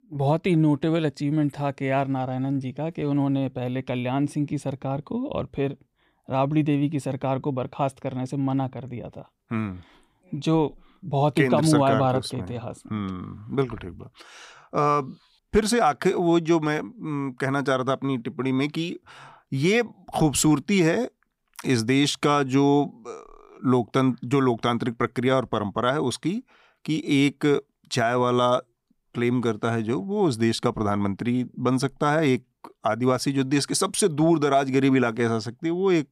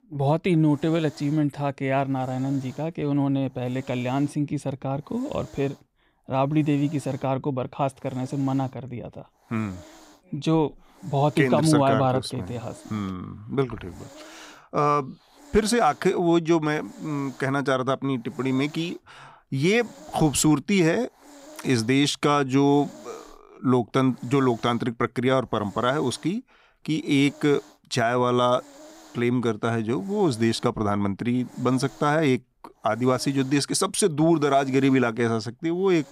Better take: first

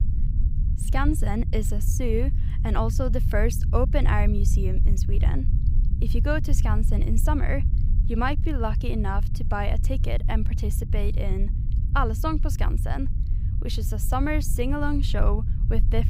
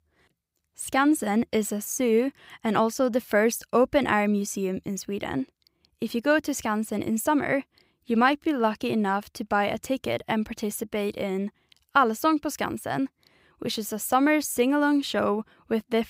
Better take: second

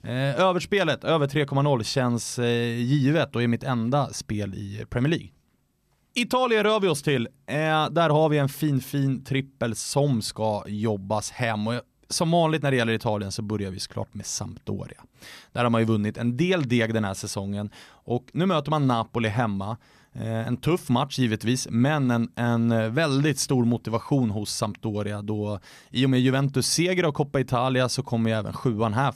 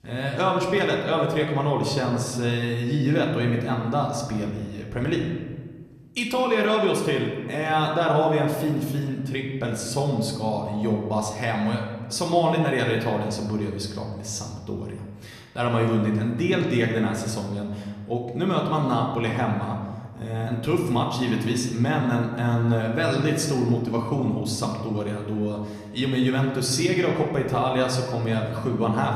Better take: first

